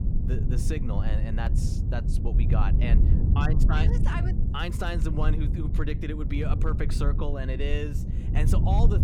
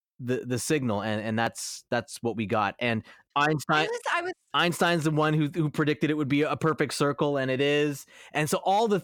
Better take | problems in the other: second | low rumble; loud; throughout; 5 dB below the speech

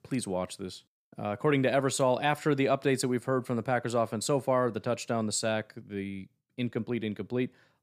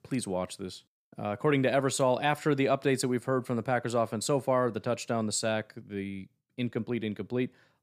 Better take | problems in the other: neither | none

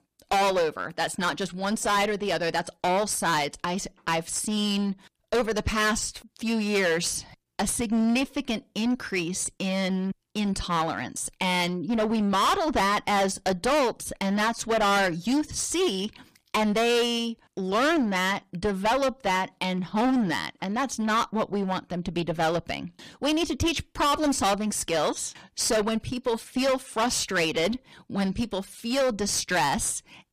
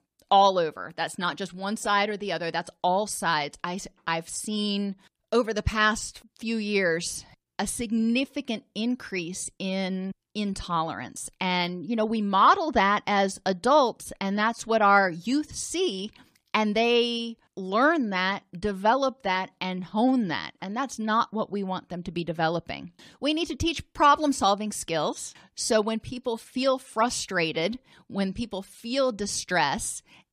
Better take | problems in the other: second | distortion; heavy; 17% of the sound clipped

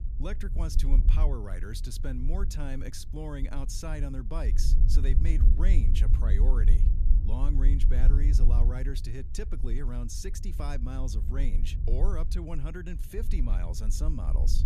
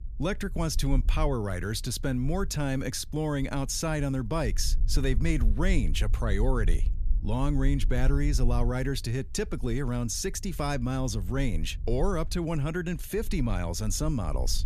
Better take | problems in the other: second | low rumble; loud; throughout; 7 dB below the speech; faint in the second

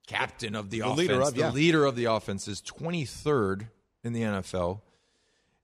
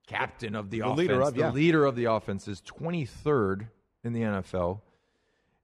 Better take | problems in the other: first | muffled; slightly; fading above 3 kHz

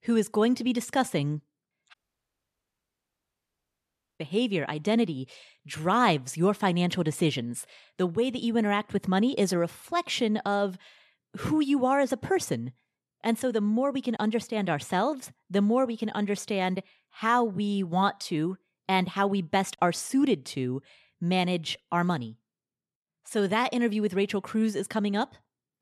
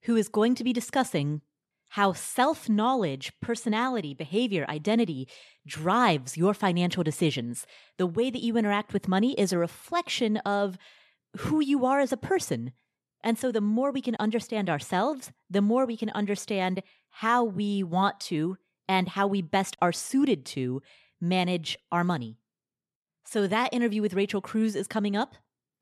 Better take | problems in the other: second | audio cutting out; at 2 s for 2.5 s

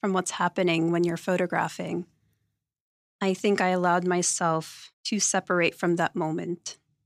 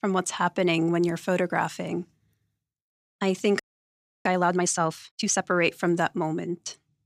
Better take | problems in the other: first | audio freezing; at 3.5 s for 0.5 s

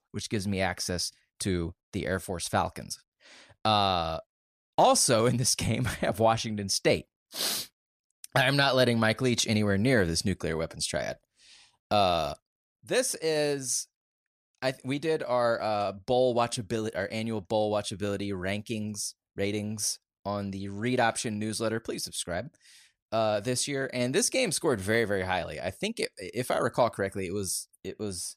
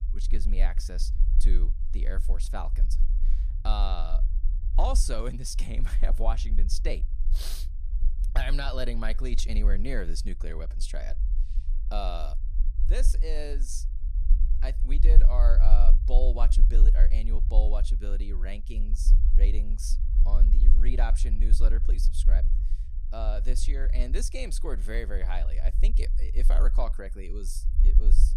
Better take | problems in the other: first | low rumble; noticeable; throughout; 15 dB below the speech

